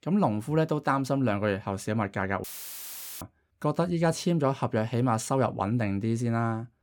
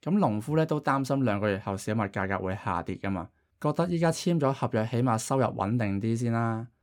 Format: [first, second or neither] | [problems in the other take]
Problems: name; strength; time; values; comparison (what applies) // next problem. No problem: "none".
second | audio cutting out; filled with static; at 2.5 s for 1 s